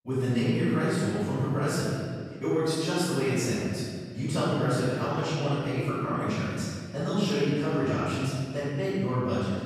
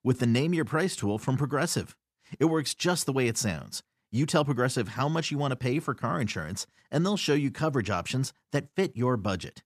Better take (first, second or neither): second